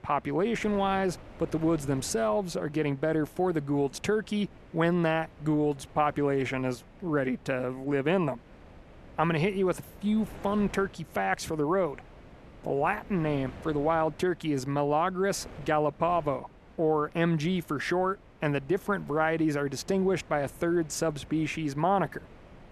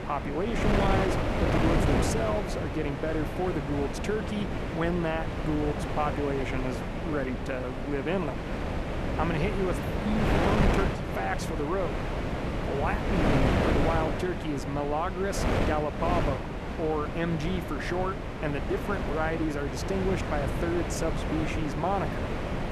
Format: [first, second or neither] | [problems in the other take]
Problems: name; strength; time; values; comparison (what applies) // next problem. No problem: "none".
first | wind noise on the microphone; heavy; as loud as the speech; occasional gusts in the first